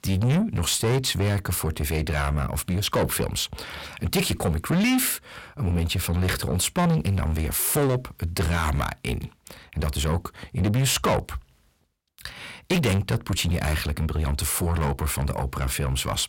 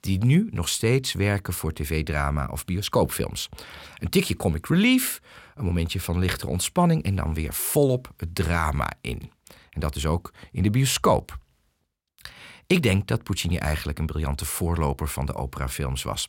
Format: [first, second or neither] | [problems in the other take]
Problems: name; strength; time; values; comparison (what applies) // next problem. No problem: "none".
second | distortion; heavy; 7 dB below the speech